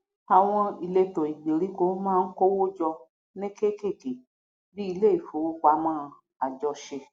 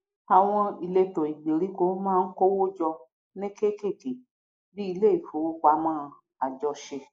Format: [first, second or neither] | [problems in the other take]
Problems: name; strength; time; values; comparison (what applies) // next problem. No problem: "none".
first | noise reduction (neural mask model Resemble Enhance denoiser)